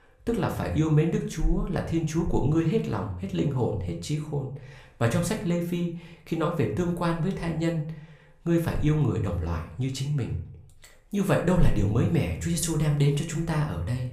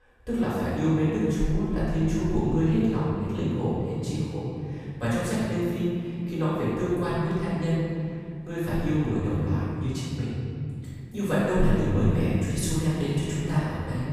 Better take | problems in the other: first | room echo; strong; dies away in 2.3 s; slight in the first // off-mic speech; far; somewhat distant in the first

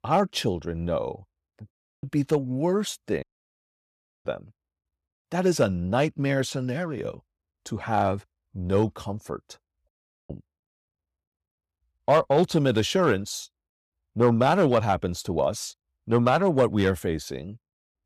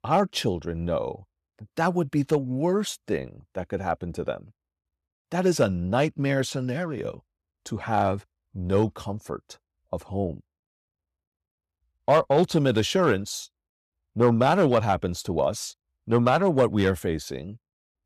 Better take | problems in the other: second | audio cutting out; at 1.5 s, at 3 s for 1 s and at 10 s

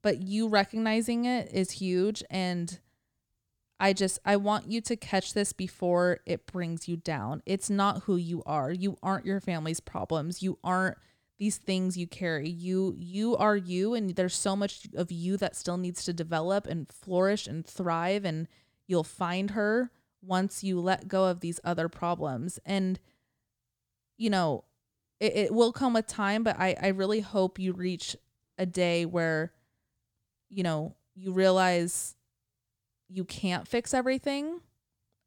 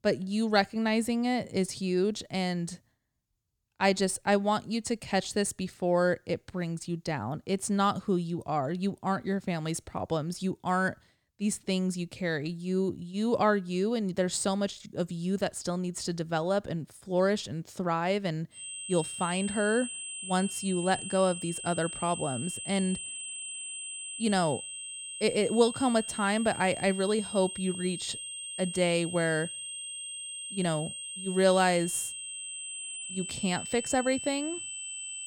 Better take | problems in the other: first | high-pitched whine; loud; from 19 s on; 8.5 kHz, 7 dB below the speech

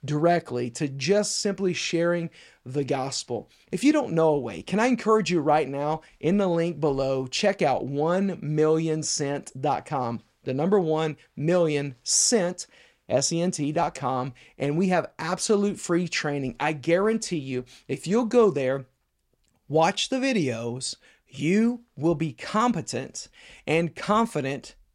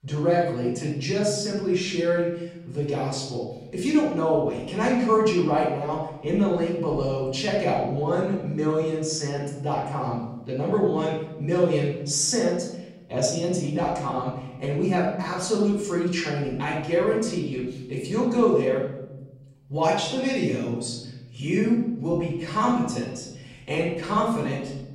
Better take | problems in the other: first | off-mic speech; far // room echo; noticeable; dies away in 1.1 s

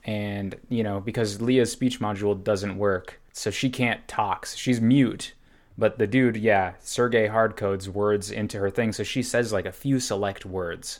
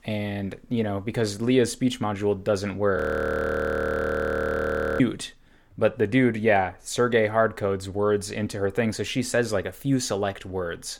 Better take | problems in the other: first | audio freezing; at 3 s for 2 s

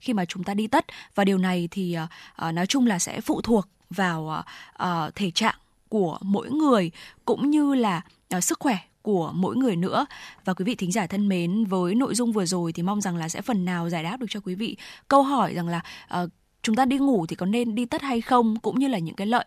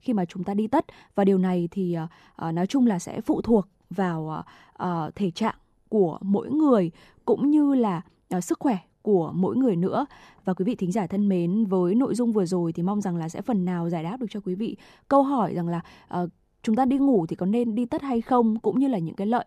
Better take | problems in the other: first | muffled; slightly; fading above 1 kHz

